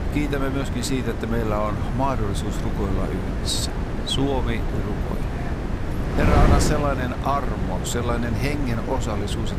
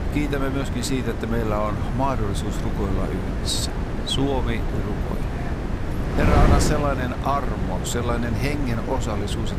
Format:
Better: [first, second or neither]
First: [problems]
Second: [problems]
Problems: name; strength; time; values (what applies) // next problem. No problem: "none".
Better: neither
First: wind noise on the microphone; heavy; 4 dB below the speech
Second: wind noise on the microphone; heavy; 4 dB below the speech